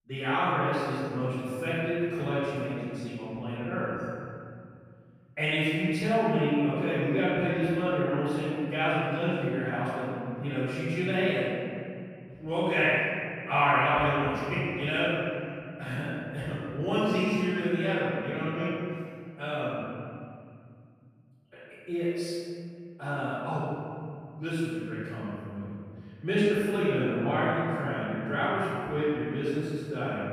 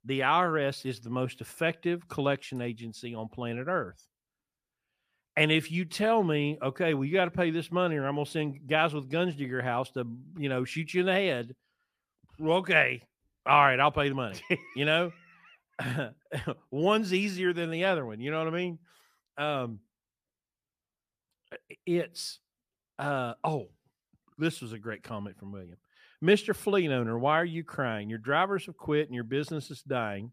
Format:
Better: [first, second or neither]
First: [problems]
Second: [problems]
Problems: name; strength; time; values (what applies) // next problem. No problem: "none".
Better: second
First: off-mic speech; far // room echo; strong; dies away in 2.5 s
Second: none